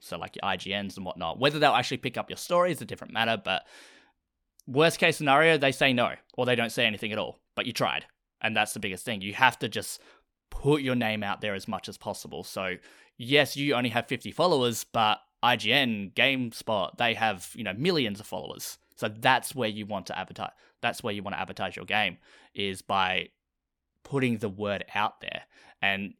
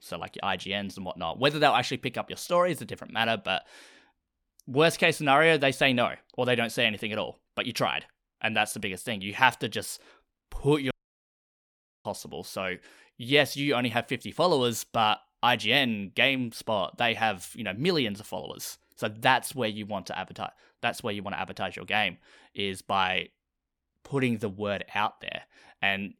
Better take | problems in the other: first | audio cutting out; at 11 s for 1 s

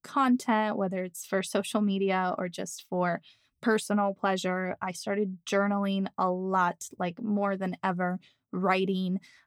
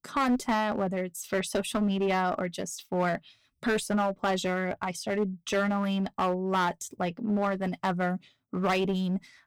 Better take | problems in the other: first | distortion; slight; 10% of the sound clipped

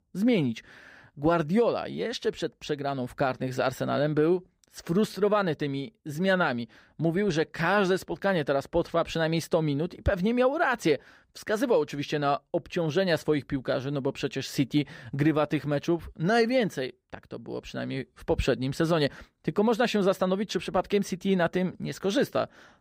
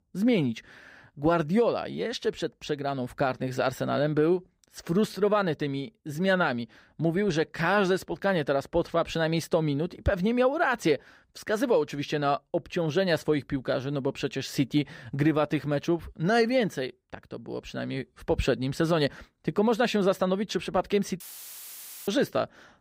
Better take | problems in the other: first | audio cutting out; filled with static; at 21 s for 1 s

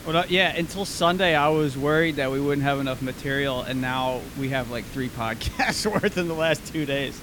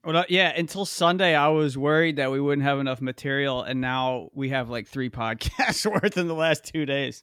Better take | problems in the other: second | hiss; noticeable; throughout; 15 dB below the speech

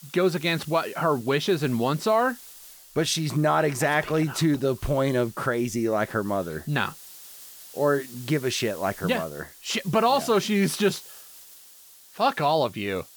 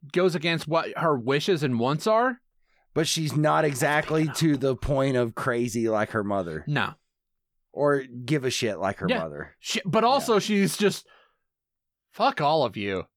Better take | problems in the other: second | hiss; noticeable; throughout; 20 dB below the speech

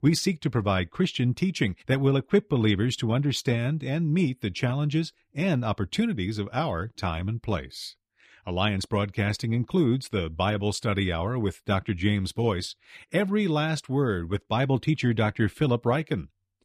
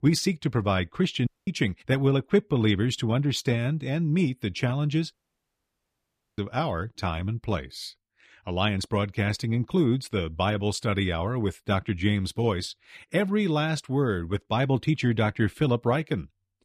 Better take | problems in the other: first | audio cutting out; at 1.5 s and at 5 s for 1.5 s

